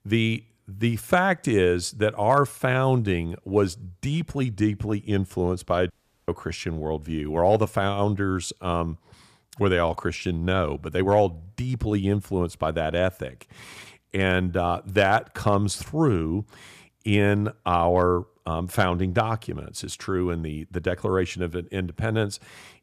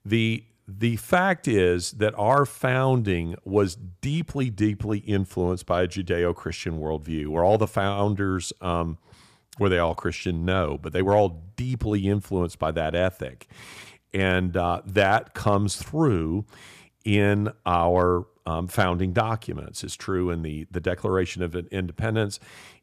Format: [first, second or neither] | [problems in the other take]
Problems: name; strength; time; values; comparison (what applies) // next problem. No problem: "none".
second | audio cutting out; at 6 s